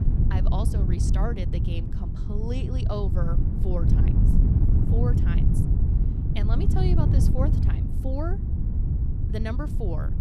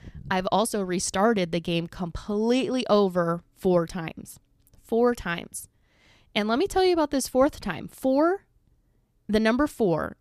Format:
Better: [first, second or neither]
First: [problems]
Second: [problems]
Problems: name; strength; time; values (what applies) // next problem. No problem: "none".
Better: second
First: wind noise on the microphone; heavy; 1 dB below the speech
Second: none